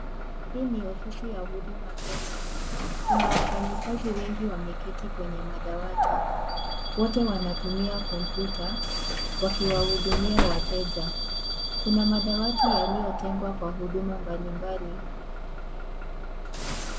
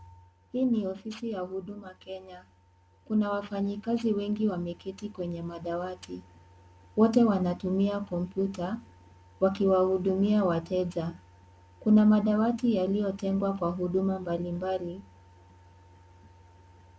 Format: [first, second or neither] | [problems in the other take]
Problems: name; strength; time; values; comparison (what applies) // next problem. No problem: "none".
second | background sound (Animal + Bus / Alarm); 3 dB above the speech